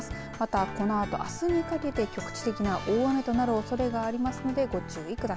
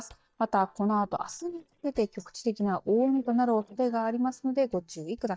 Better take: first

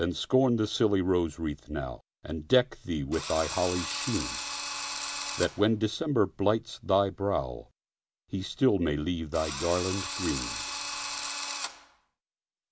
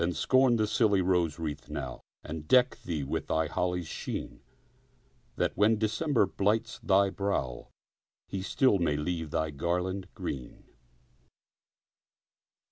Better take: second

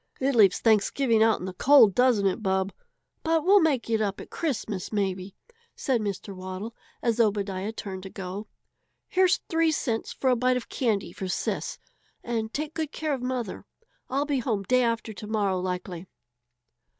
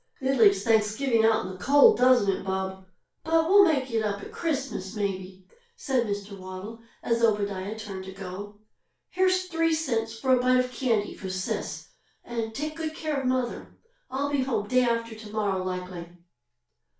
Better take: first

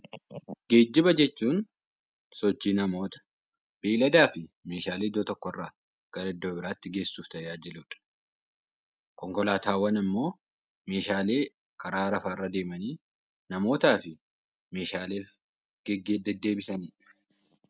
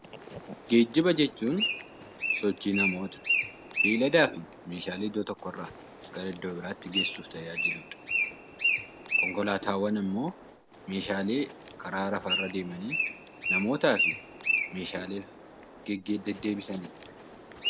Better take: first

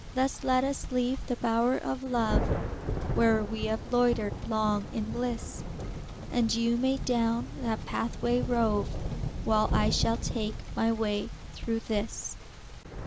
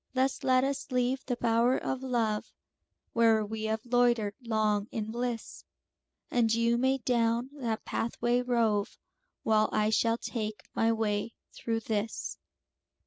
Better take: second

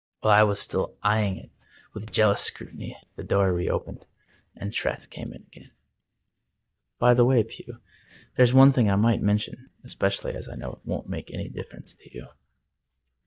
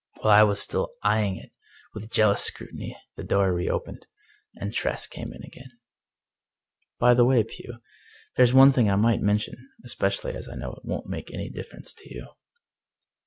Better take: second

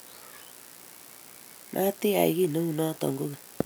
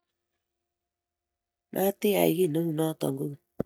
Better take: first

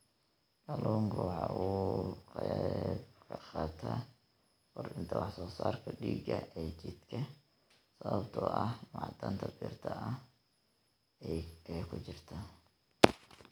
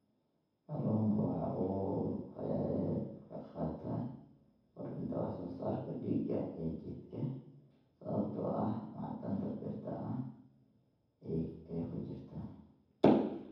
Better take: first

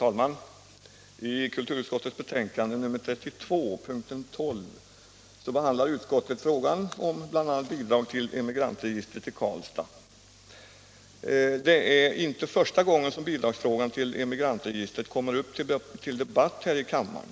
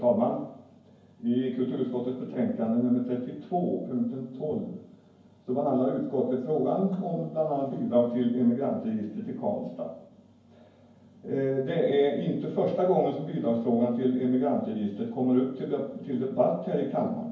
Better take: first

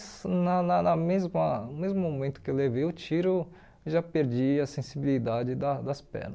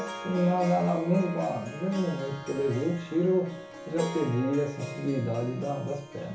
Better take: first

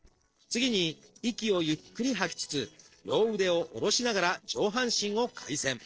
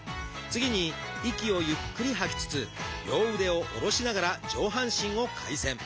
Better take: second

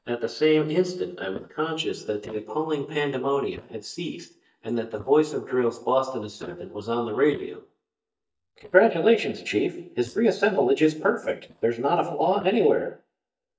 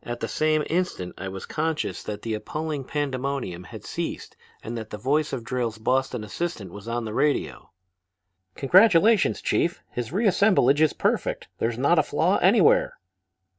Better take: second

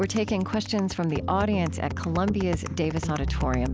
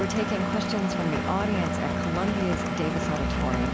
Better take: first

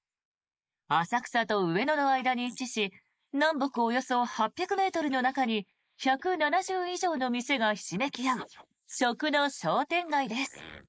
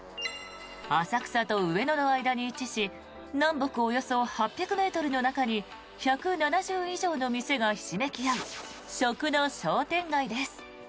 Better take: second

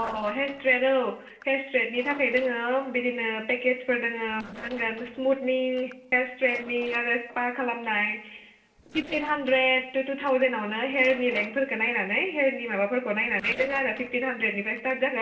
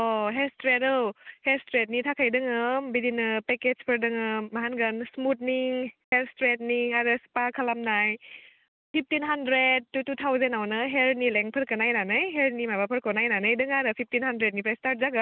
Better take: second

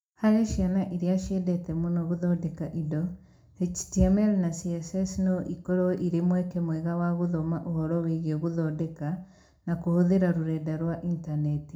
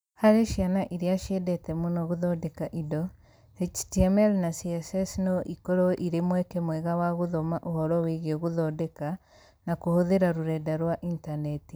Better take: second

